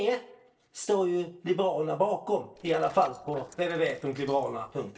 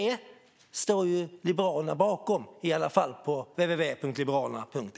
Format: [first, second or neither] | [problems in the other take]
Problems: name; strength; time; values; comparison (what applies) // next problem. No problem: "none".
second | noise reduction (neural separator model SepFormer DNS4)